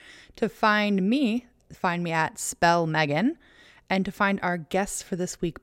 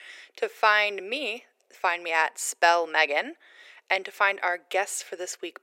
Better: first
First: none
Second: thin; very; fading below 400 Hz

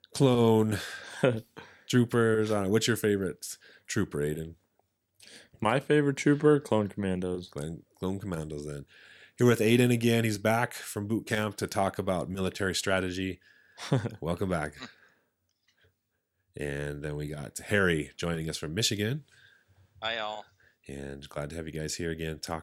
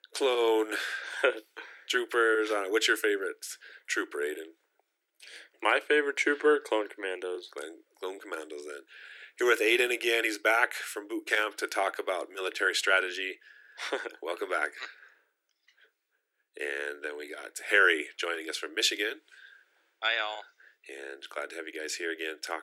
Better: first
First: none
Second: thin; very; fading below 300 Hz

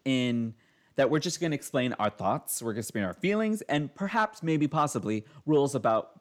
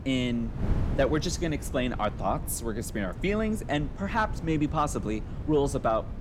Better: first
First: none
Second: wind noise on the microphone; occasional gusts; 15 dB below the speech

